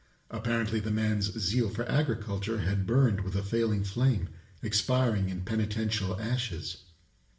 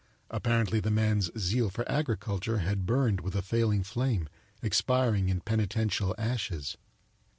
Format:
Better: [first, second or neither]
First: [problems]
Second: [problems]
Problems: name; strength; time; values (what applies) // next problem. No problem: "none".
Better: second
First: room echo; dies away in 0.5 s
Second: none